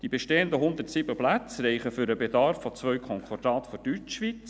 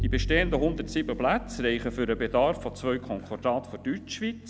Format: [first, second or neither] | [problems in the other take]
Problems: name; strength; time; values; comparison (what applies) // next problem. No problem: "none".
first | background sound (Bowed string instrument); 7 dB below the speech